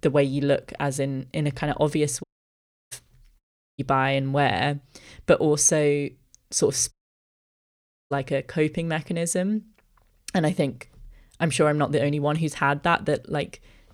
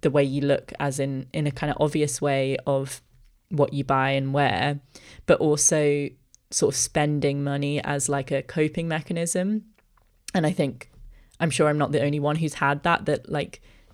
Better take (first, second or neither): second